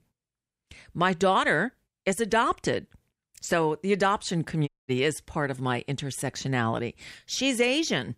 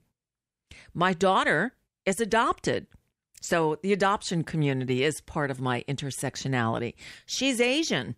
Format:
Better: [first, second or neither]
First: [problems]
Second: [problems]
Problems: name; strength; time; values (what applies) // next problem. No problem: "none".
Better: second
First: audio cutting out; at 4.5 s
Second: none